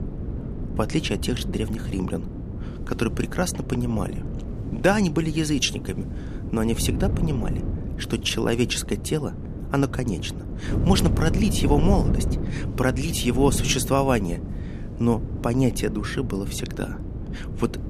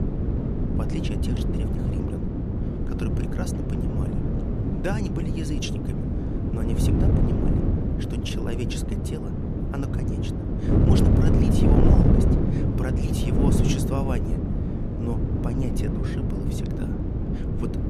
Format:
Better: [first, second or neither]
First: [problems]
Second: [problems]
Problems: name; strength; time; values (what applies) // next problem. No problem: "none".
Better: first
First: wind noise on the microphone; occasional gusts; 10 dB below the speech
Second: wind noise on the microphone; heavy; 5 dB above the speech